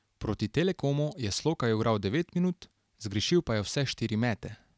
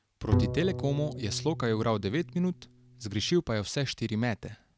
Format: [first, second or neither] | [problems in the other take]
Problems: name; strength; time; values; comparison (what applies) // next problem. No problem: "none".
first | background sound (Bowed string instrument); 4 dB below the speech